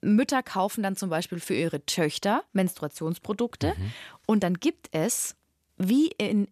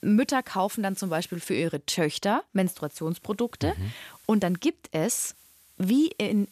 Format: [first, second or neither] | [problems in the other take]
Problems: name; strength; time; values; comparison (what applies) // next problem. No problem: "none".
first | hiss; faint; until 1.5 s, from 2.5 to 4.5 s and from 5.5 s on; 25 dB below the speech